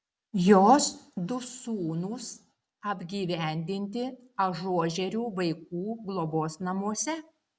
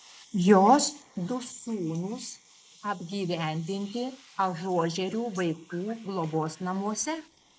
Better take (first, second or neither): first